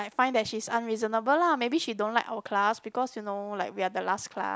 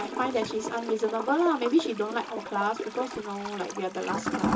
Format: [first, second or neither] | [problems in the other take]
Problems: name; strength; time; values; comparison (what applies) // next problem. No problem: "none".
first | background sound (Toilet flush / Gurgling); 6 dB below the speech // room echo; dies away in 0.2 s